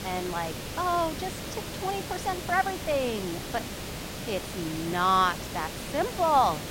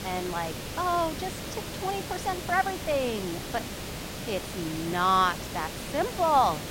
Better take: neither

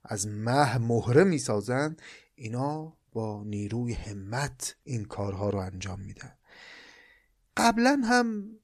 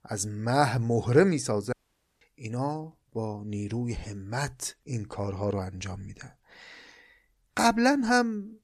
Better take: first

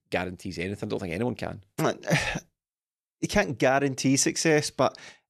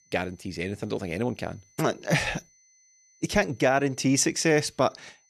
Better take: first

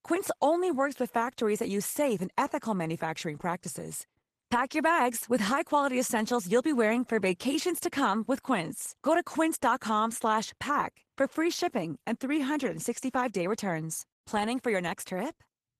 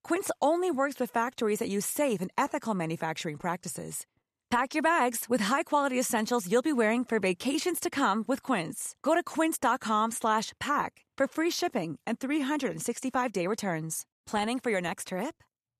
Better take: second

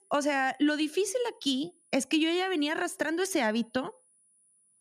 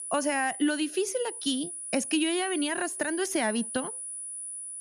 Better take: first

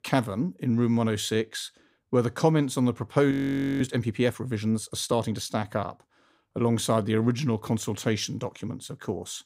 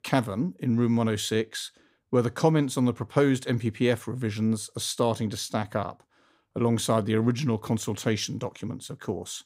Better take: second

